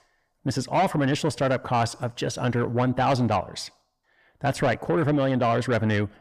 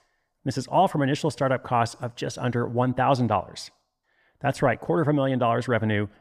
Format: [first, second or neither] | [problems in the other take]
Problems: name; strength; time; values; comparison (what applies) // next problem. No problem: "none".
second | distortion; slight; 10 dB below the speech